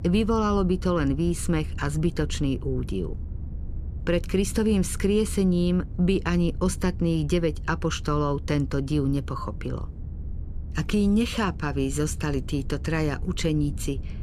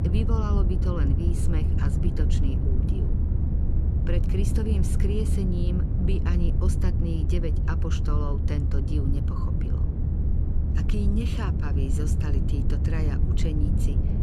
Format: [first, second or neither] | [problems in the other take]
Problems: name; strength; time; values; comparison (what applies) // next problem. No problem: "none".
first | low rumble; loud; throughout; 2 dB below the speech; faint in the first